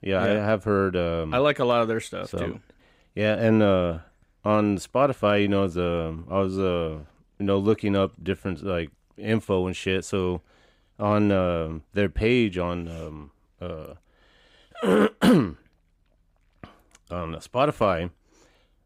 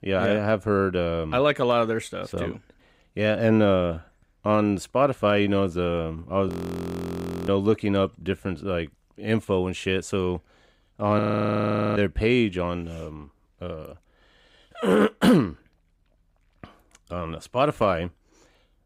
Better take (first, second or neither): first